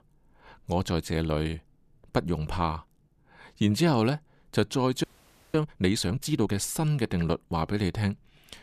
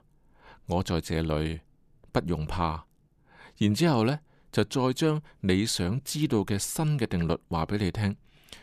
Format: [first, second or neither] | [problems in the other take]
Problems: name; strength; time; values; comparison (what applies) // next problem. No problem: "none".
second | audio freezing; at 5 s for 0.5 s